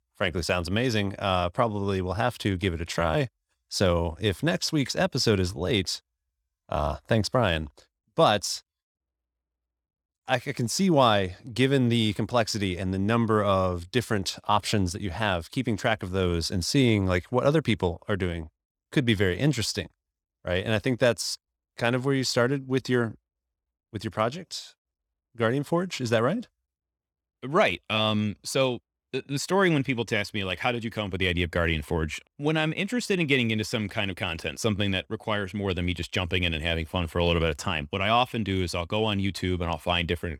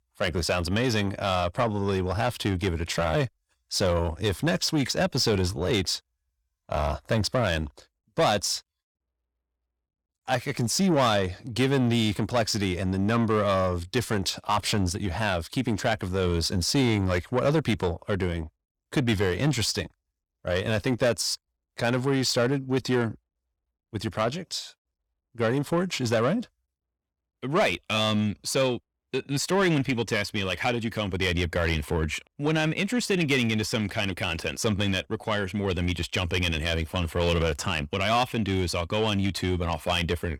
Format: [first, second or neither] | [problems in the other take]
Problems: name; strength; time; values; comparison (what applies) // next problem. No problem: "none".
first | distortion; slight; 10 dB below the speech